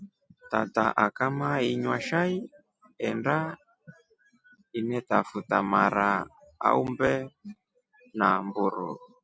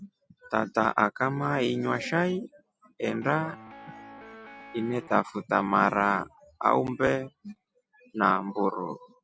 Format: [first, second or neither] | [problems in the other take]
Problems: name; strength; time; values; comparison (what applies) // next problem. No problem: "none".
first | background sound (Guitar); 18 dB below the speech